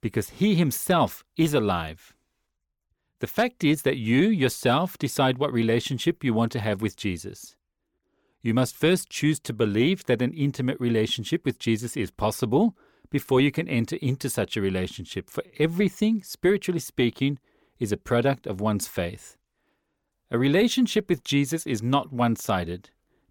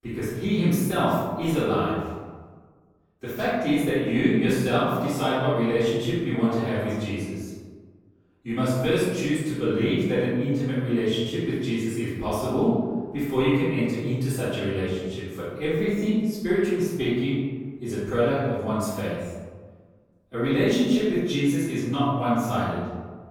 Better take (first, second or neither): first